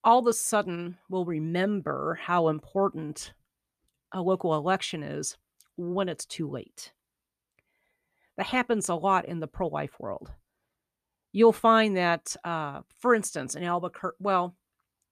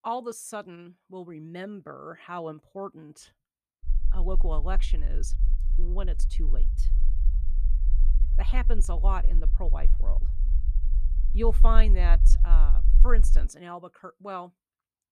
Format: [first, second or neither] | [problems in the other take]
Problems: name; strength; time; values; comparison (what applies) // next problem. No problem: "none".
first | low rumble; noticeable; from 4 to 13 s; 15 dB below the speech